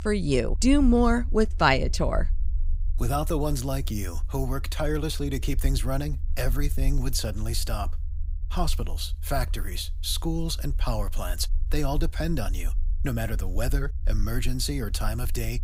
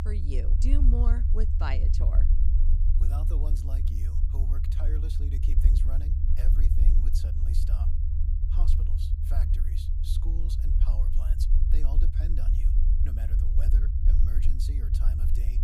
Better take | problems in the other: first | low rumble; loud; throughout; 1 dB below the speech; faint in the first

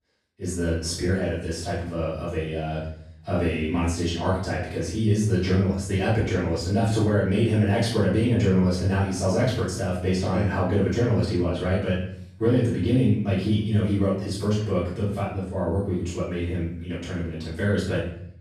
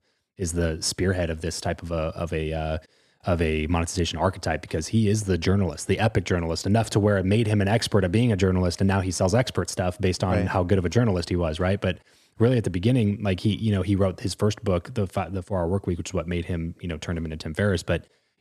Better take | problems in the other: second | room echo; noticeable; dies away in 0.6 s // off-mic speech; far

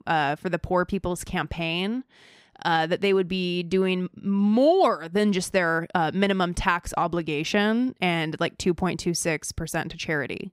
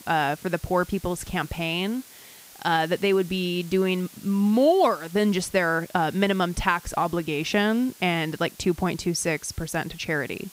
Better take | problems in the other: first | hiss; faint; throughout; 20 dB below the speech

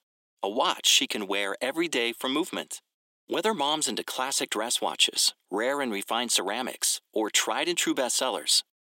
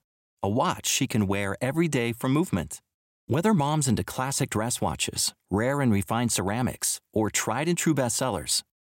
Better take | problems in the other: second | thin; somewhat; fading below 300 Hz

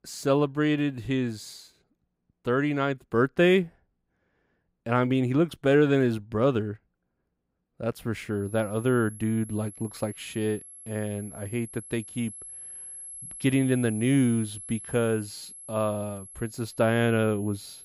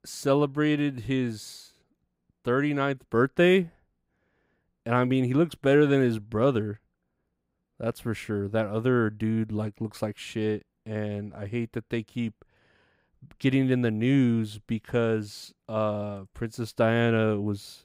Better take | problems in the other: second | high-pitched whine; noticeable; from 8.5 s on; 11 kHz, 15 dB below the speech

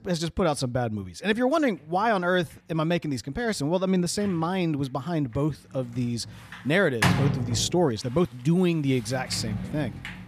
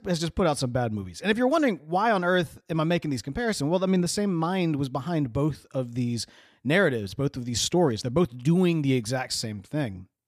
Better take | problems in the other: second | household noises; loud; throughout; 4 dB below the speech

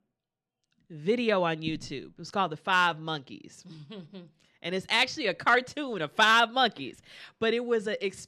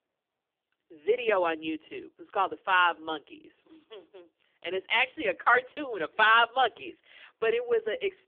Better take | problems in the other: first | phone-call audio; poor line; nothing above 3.5 kHz

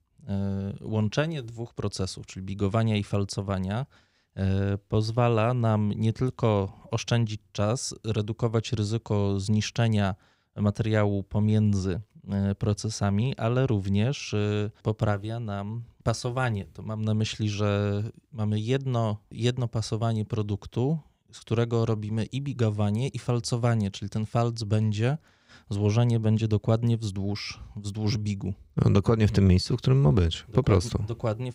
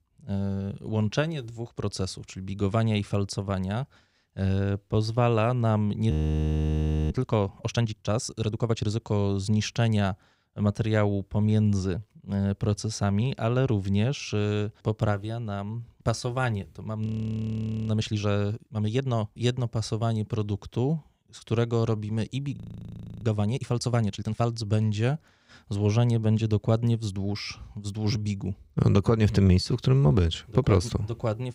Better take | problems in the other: first | audio freezing; at 6 s for 1 s, at 17 s for 1 s and at 23 s for 0.5 s

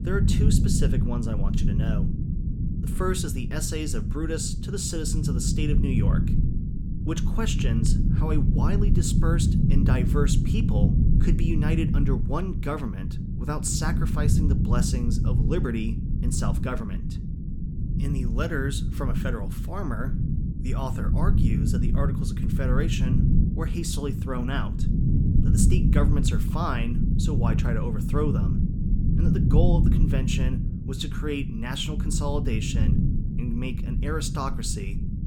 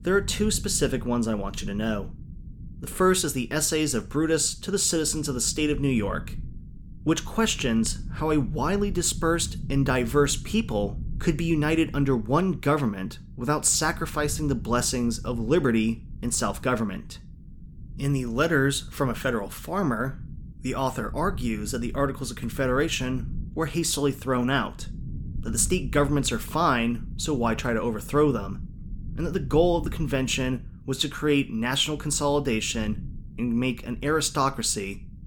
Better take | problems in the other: second | low rumble; loud; throughout; 3 dB below the speech; faint in the second

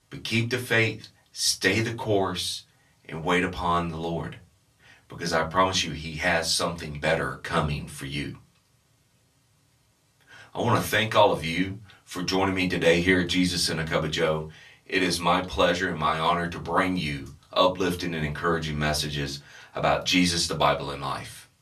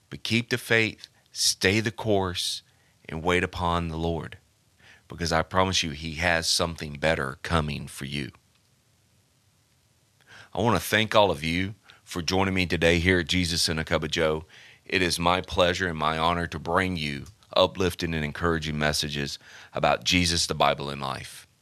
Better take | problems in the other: second | off-mic speech; far // room echo; very slight; dies away in 0.2 s

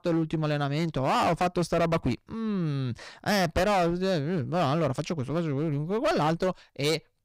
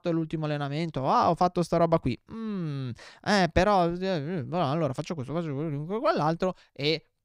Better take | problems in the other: second | distortion; heavy; 13% of the sound clipped

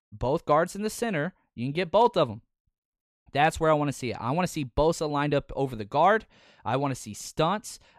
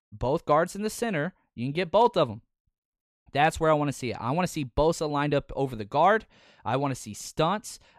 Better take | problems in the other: neither | none

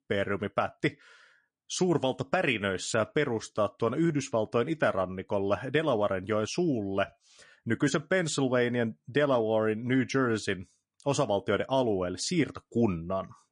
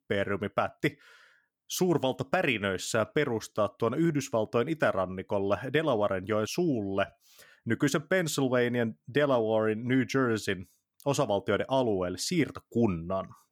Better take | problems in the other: second | garbled, watery; slightly; nothing above 9 kHz

